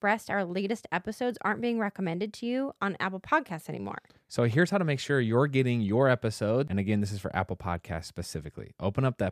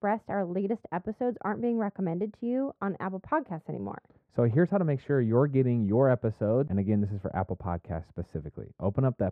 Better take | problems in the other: first | muffled; very; fading above 2.5 kHz

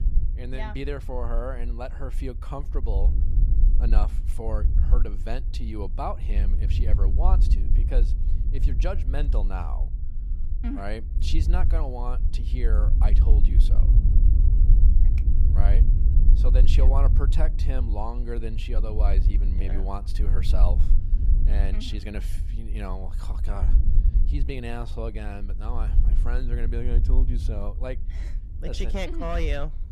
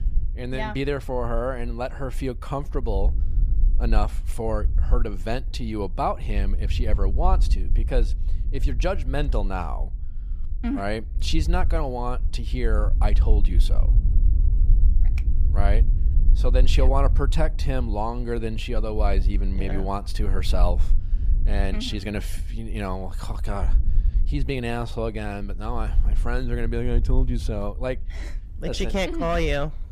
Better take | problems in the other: second | wind noise on the microphone; heavy; 8 dB below the speech; occasional gusts in the second

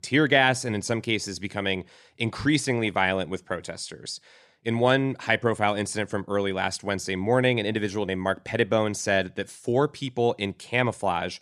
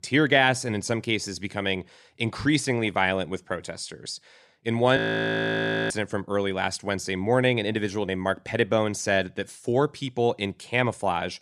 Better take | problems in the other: first | audio freezing; at 5 s for 1 s

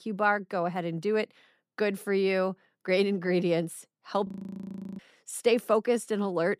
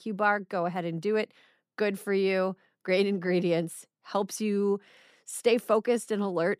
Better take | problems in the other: second | audio freezing; at 4.5 s for 0.5 s

